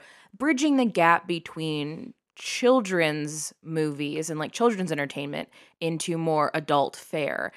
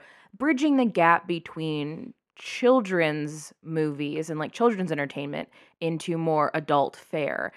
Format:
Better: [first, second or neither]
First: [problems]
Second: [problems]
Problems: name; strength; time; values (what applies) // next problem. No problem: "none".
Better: first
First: none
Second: muffled; slightly; fading above 3.5 kHz